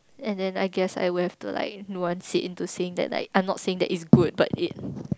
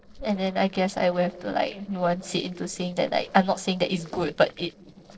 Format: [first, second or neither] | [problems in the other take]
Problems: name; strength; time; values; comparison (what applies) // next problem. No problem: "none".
first | noise reduction (neural separator model SepFormer DNS4)